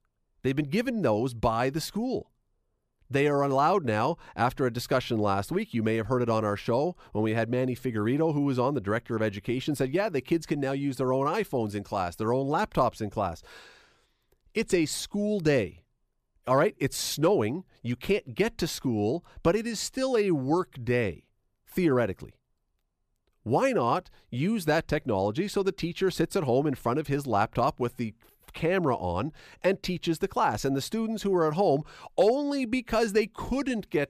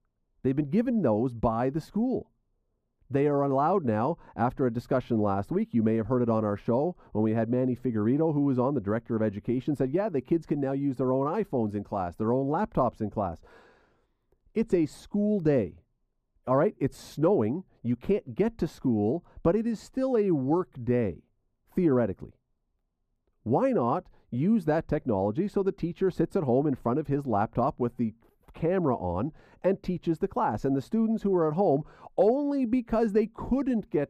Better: first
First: none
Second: muffled; very; fading above 1.5 kHz

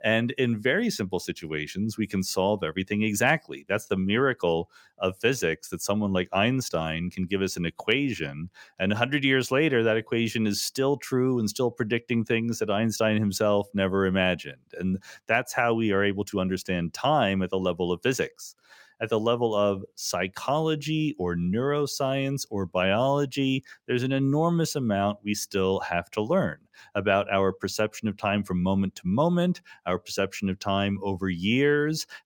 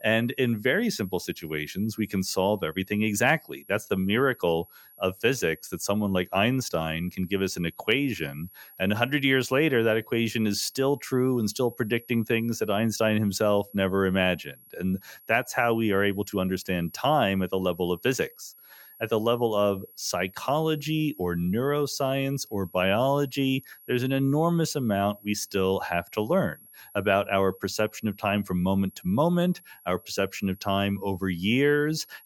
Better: first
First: none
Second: high-pitched whine; faint; throughout; 11.5 kHz, 25 dB below the speech

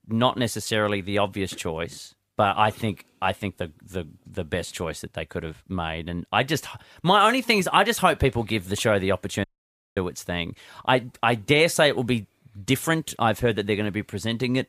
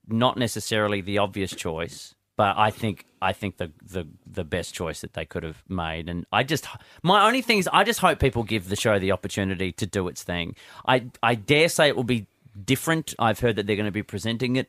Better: second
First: audio cutting out; at 9.5 s for 0.5 s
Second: none

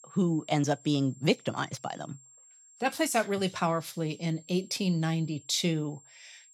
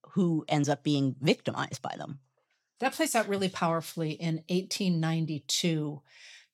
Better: second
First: high-pitched whine; faint; throughout; 7.5 kHz, 25 dB below the speech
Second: none

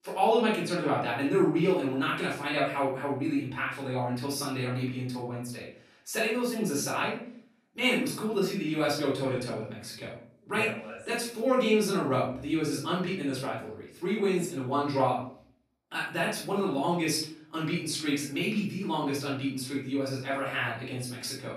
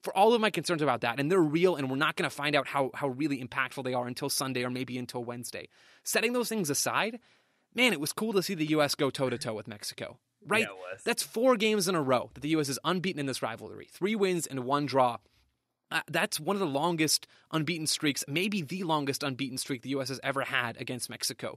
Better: second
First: off-mic speech; far // room echo; noticeable; dies away in 0.5 s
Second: none

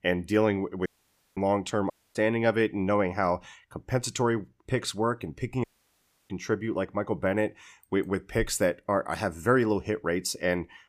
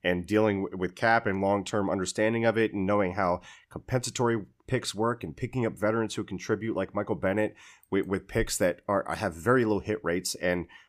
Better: second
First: audio cutting out; at 1 s for 0.5 s, at 2 s and at 5.5 s for 0.5 s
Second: none

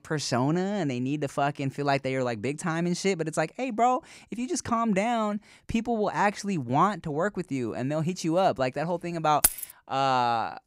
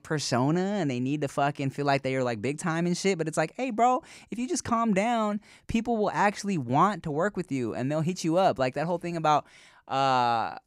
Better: second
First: jangling keys; loud; at 9.5 s; peak 4 dB above the speech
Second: none

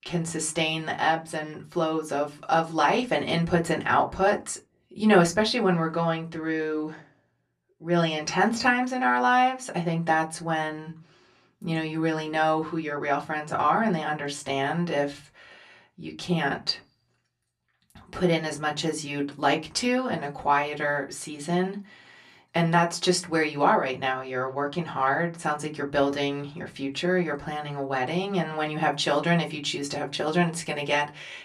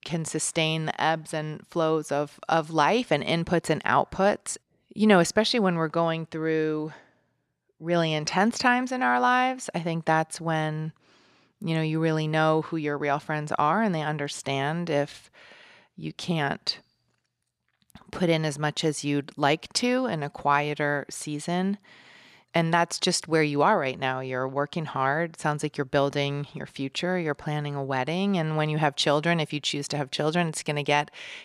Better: second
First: off-mic speech; far // room echo; very slight; dies away in 0.2 s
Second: none

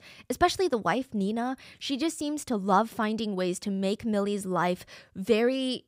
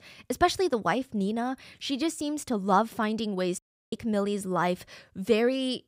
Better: first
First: none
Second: audio cutting out; at 3.5 s

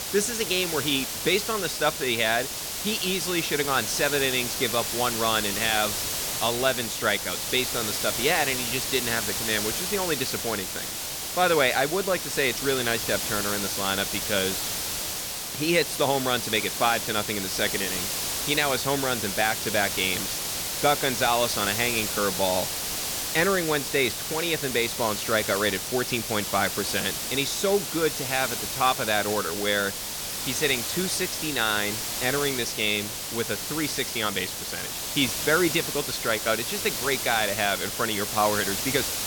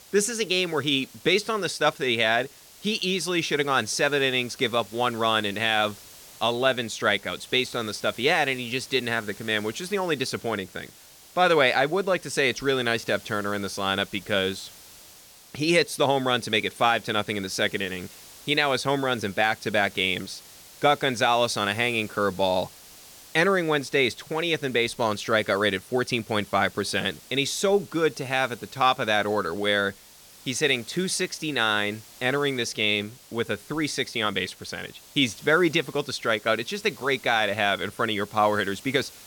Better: second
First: hiss; loud; throughout; 2 dB below the speech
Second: hiss; faint; throughout; 20 dB below the speech

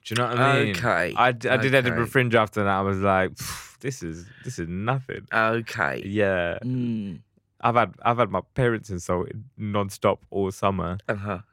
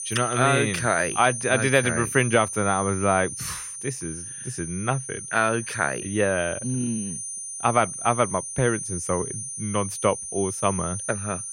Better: first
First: none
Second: high-pitched whine; loud; throughout; 9.5 kHz, 7 dB below the speech

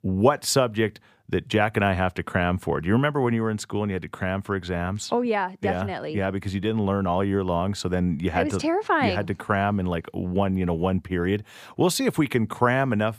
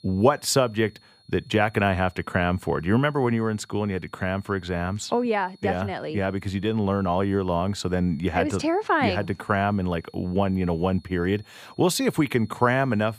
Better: first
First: none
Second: high-pitched whine; faint; throughout; 4.5 kHz, 30 dB below the speech

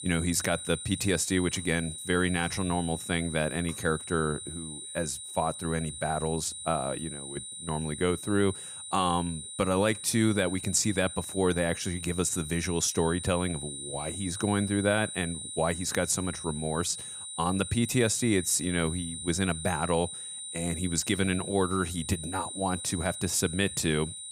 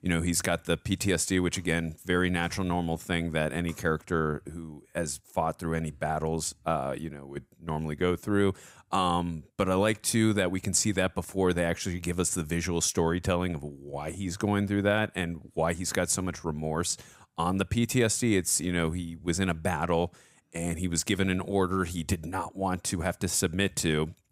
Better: second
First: high-pitched whine; loud; throughout; 9 kHz, 8 dB below the speech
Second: none

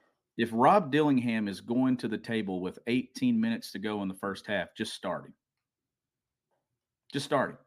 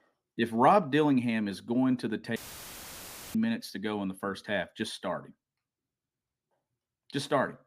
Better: first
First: none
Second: audio cutting out; filled with static; at 2.5 s for 1 s

